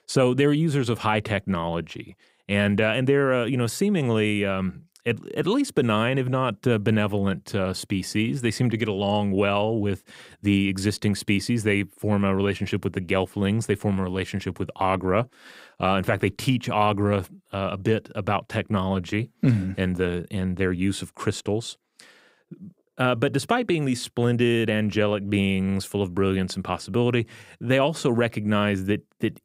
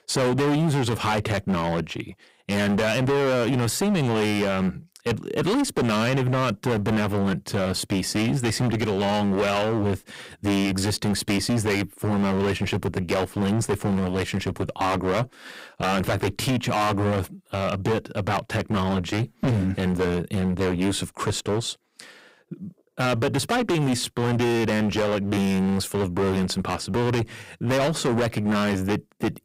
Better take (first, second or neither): first